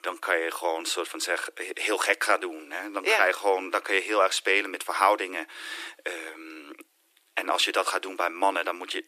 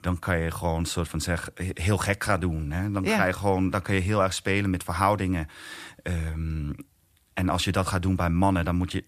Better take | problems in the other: second | thin; very; fading below 300 Hz

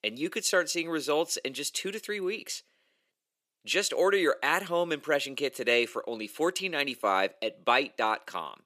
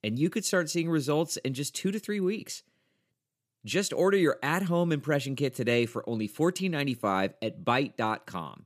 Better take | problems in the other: second | thin; somewhat; fading below 500 Hz

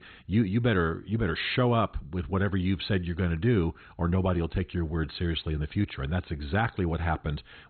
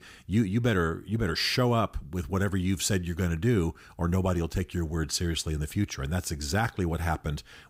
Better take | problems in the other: second | garbled, watery; badly; nothing above 4 kHz

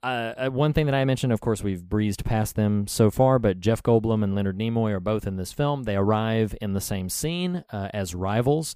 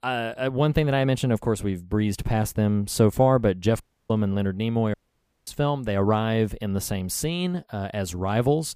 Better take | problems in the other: first | audio cutting out; at 4 s and at 5 s for 0.5 s

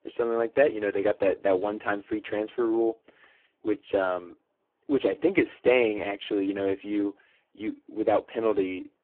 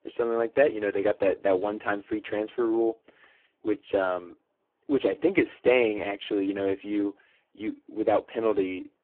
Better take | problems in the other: neither | phone-call audio; poor line; the same in both

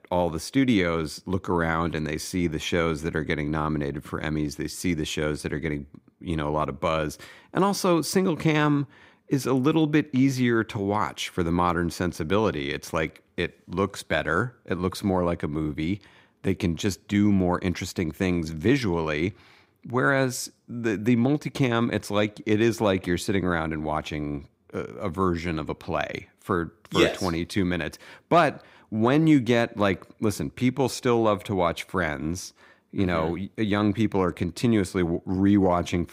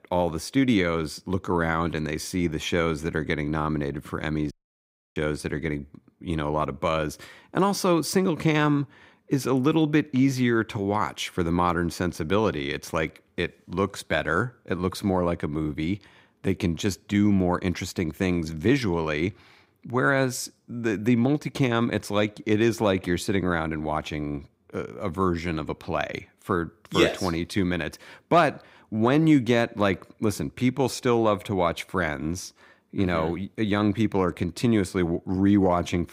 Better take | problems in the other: first | audio cutting out; at 4.5 s for 0.5 s

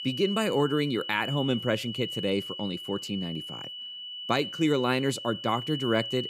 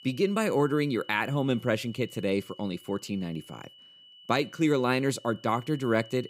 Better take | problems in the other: second | high-pitched whine; loud; throughout; 3 kHz, 7 dB below the speech; faint in the second

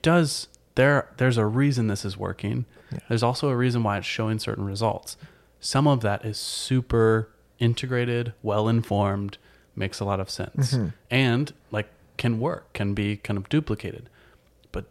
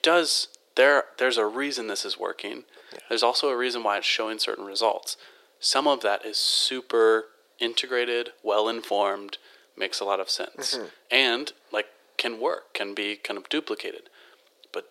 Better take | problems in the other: first | thin; very; fading below 350 Hz

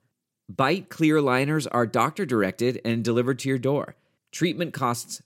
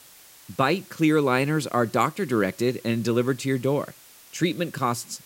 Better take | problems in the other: first | hiss; faint; throughout; 25 dB below the speech

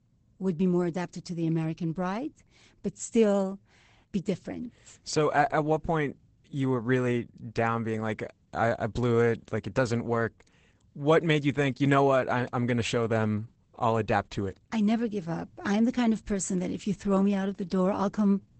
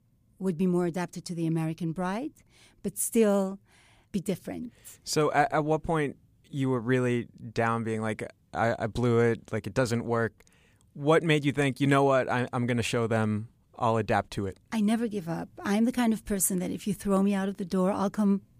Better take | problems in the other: second | garbled, watery; badly; nothing above 8 kHz

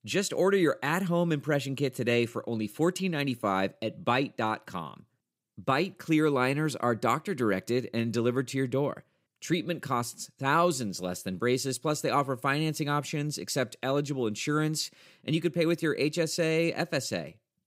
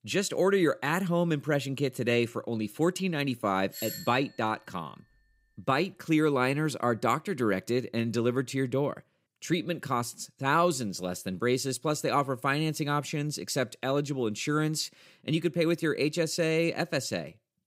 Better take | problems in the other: first | doorbell; noticeable; at 3.5 s; peak 8 dB below the speech

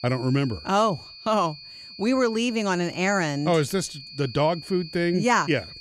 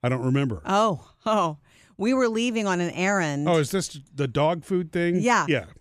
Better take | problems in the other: second | high-pitched whine; noticeable; throughout; 4.5 kHz, 15 dB below the speech

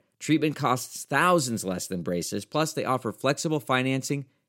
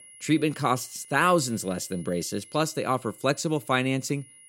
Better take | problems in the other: first | high-pitched whine; faint; throughout; 10.5 kHz, 20 dB below the speech

